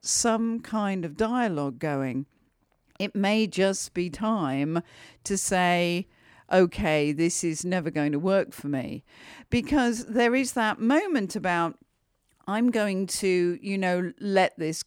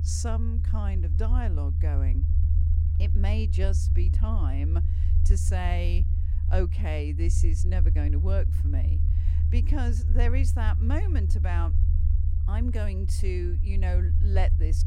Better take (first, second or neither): first